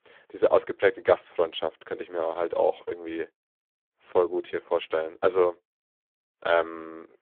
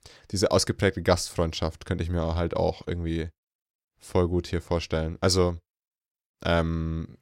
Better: second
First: phone-call audio; poor line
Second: none

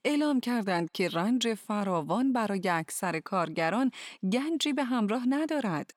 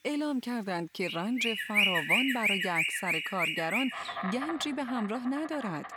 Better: first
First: none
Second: animal sounds; very loud; throughout; 5 dB above the speech

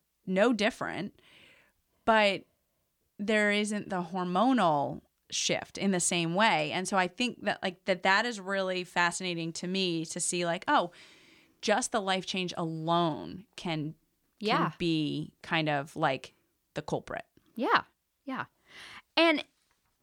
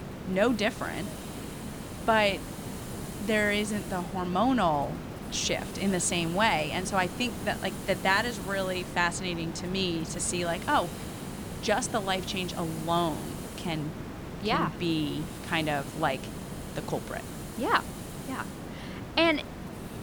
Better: first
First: none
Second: hiss; loud; throughout; 9 dB below the speech

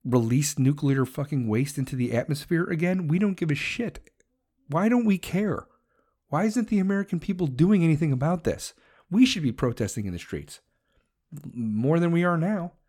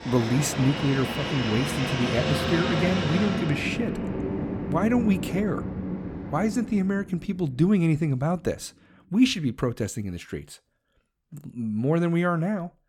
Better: first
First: none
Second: train or aircraft noise; loud; until 6 s; 4 dB below the speech

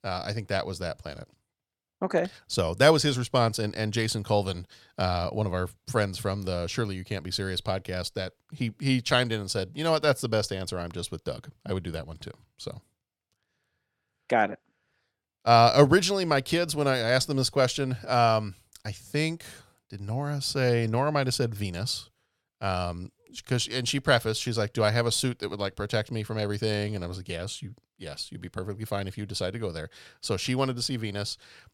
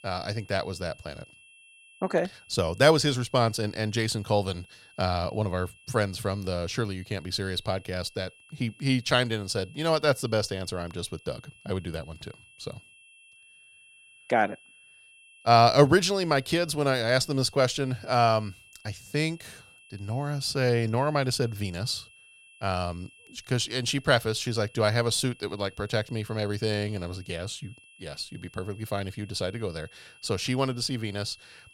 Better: first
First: none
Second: high-pitched whine; faint; throughout; 2.5 kHz, 25 dB below the speech

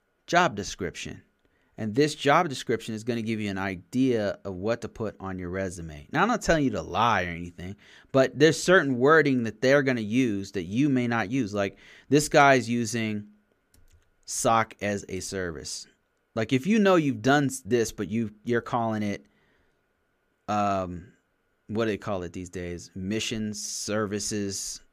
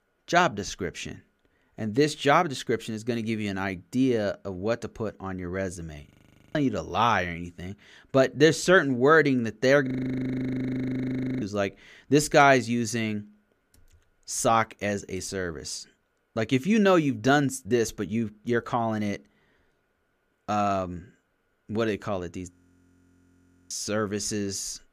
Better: first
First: none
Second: audio freezing; at 6 s, at 10 s for 1.5 s and at 23 s for 1 s

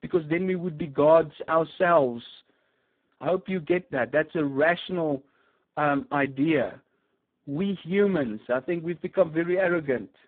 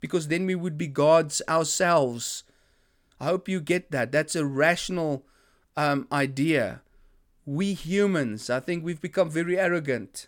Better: second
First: phone-call audio; poor line; nothing above 3.5 kHz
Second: none

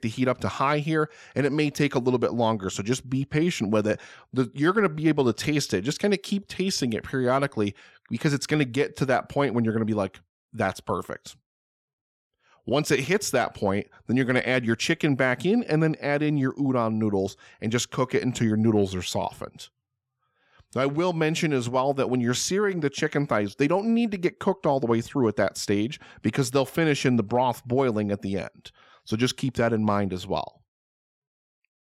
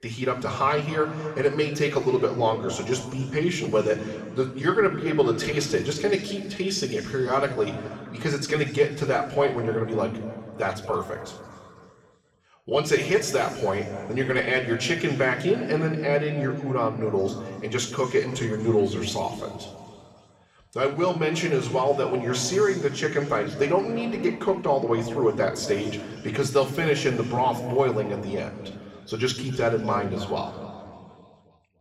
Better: first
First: none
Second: room echo; slight; dies away in 2.3 s // off-mic speech; somewhat distant

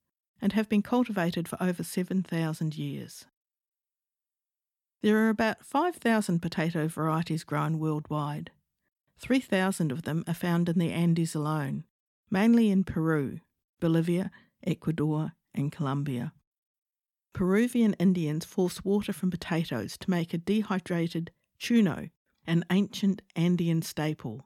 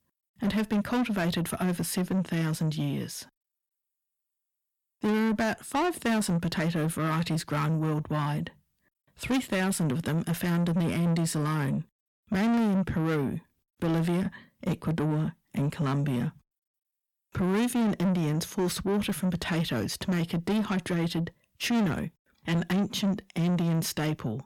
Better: first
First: none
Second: distortion; heavy; 7 dB below the speech

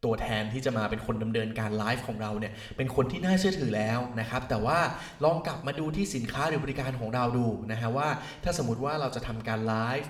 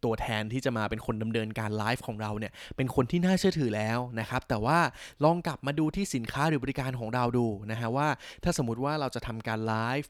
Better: second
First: room echo; slight; dies away in 0.8 s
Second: none

